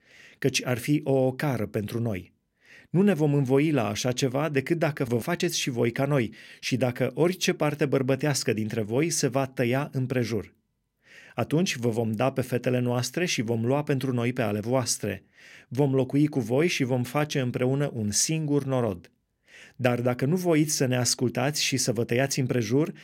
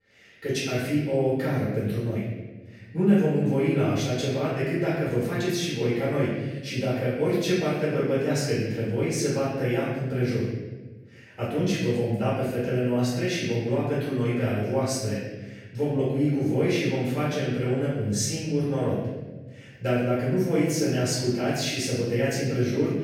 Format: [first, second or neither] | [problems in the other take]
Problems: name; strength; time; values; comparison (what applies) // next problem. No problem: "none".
first | off-mic speech; far // room echo; strong; dies away in 1.3 s